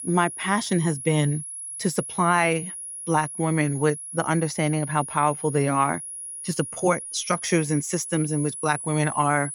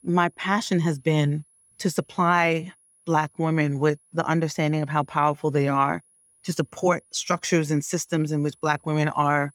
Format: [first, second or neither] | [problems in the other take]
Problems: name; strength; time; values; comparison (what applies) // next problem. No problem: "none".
second | high-pitched whine; loud; throughout; 10.5 kHz, 8 dB below the speech; faint in the second